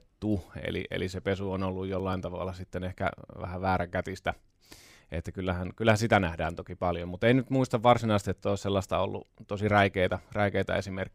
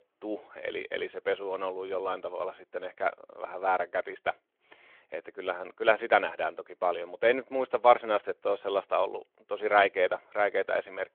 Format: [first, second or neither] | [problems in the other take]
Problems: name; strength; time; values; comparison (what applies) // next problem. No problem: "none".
first | phone-call audio